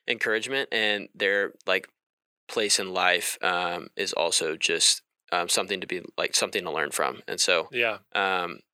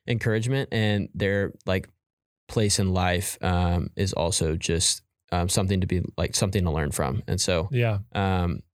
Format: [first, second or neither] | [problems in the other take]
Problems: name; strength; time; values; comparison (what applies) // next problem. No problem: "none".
second | thin; very; fading below 350 Hz